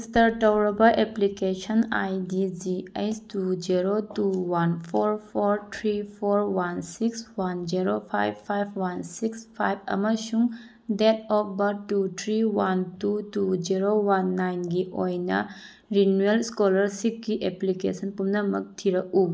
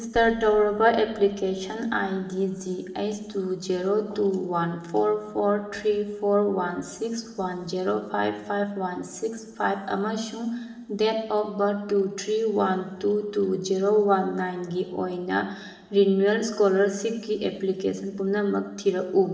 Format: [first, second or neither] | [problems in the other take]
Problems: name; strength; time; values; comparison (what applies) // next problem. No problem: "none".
first | room echo; dies away in 2.5 s